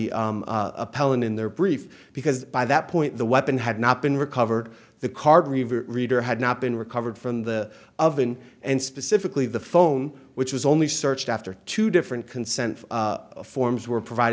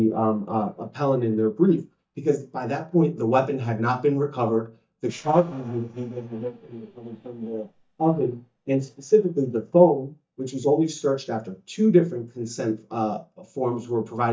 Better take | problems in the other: first | noise reduction (neural mask model DeepFilterNet 3)

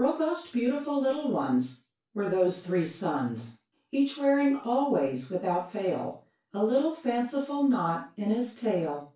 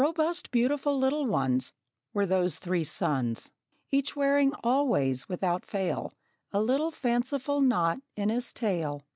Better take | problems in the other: second | room echo; dies away in 0.3 s

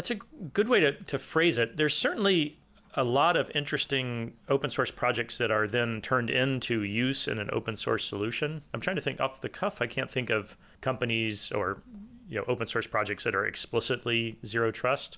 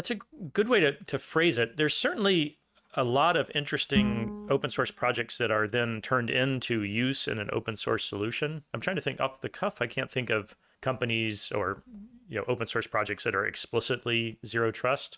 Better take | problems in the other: first | noise reduction (neural mask model RNNoise)

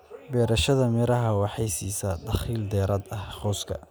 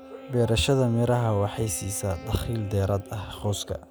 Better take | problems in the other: first | background sound (Wind instrument, woodwind instrument); 19 dB below the speech

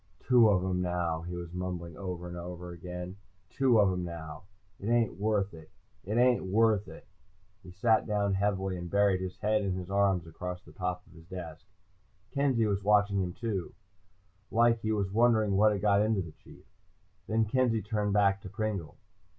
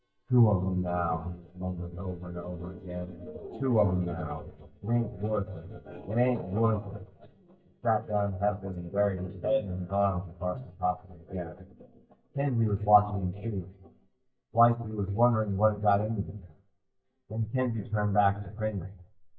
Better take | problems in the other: first | noise reduction (neural mask model DeepFilterNet 3)

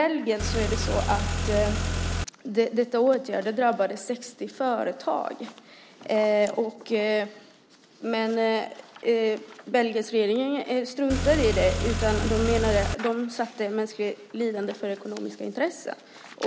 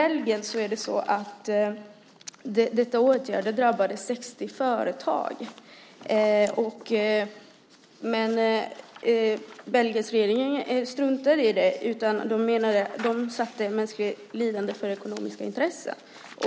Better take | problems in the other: second | background sound (Car); as loud as the speech

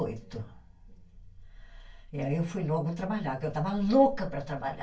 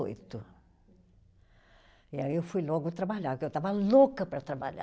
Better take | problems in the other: second | room echo; dies away in 0.2 s

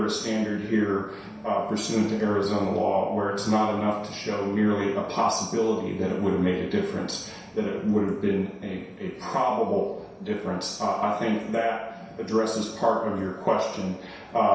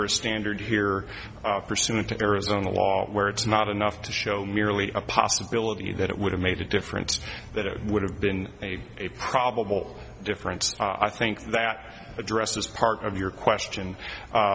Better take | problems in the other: second | room echo; dies away in 0.7 s

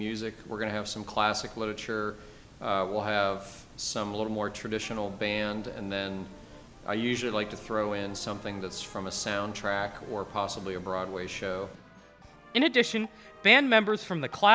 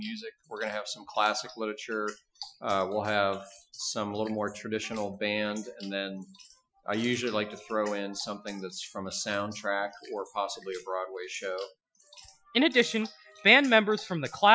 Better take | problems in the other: first | noise reduction (classical method Wiener filter)

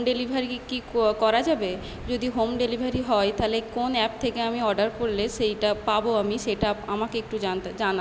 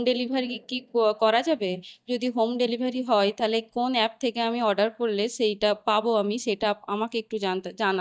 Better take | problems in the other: first | noise reduction (neural mask model DeepFilterNet 3)

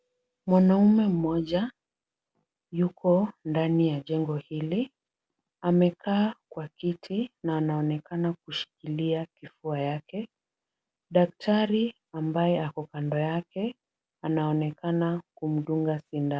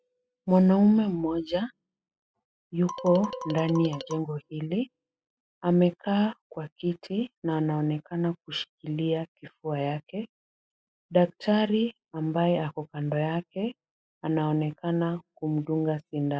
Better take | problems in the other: first | noise reduction (classical method spectral subtraction)

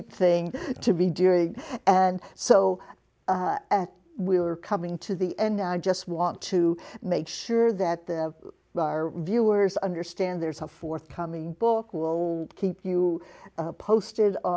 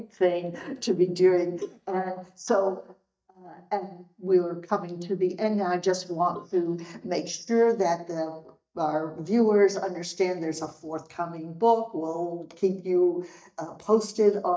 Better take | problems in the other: first | noise reduction (neural mask model DeepFilterNet 3)

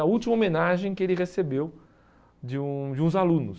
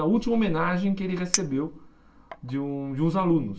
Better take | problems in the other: first | background sound (Chink, clink); 12 dB below the speech // room echo; dies away in 0.2 s

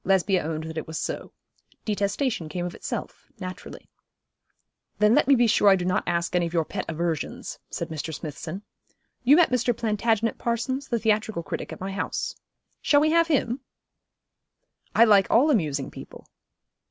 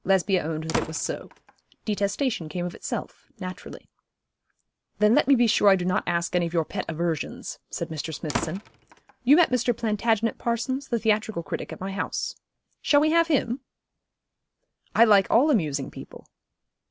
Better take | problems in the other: first | background sound (Slam); 11 dB below the speech

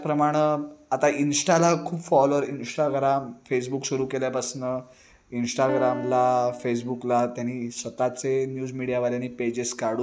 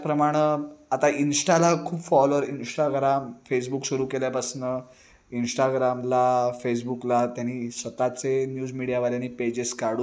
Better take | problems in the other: second | background sound (Piano); 13 dB below the speech

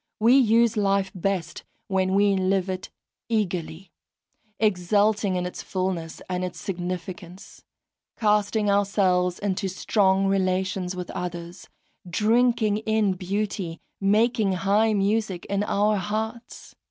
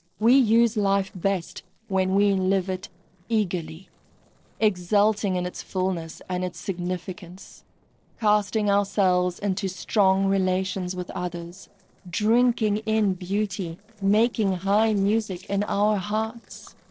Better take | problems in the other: first | noise reduction (neural separator model SepFormer DNS4)

